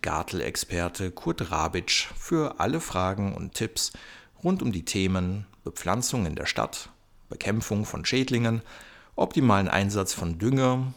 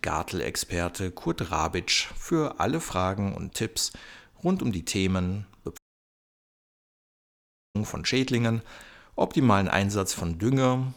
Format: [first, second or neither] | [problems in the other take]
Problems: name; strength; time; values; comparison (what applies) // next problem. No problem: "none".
first | audio cutting out; at 6 s for 2 s